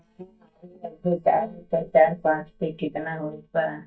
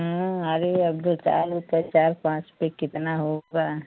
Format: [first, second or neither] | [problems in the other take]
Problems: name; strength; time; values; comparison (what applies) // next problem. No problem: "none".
second | noise reduction (neural mask model DeepFilterNet 3)